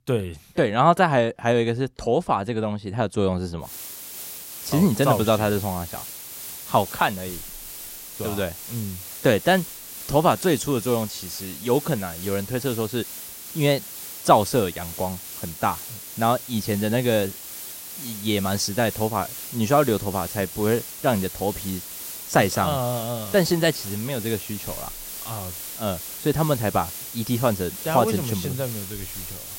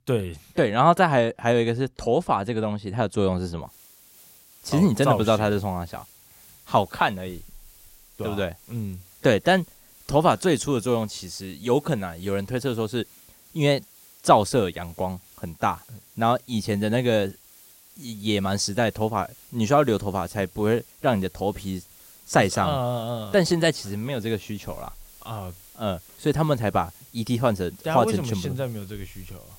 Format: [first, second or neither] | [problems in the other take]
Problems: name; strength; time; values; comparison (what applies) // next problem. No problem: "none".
second | hiss; loud; from 3.5 s on; 10 dB below the speech; faint in the second